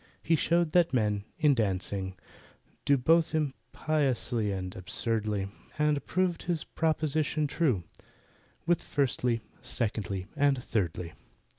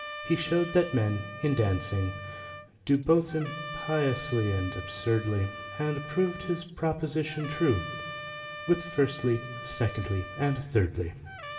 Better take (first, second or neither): first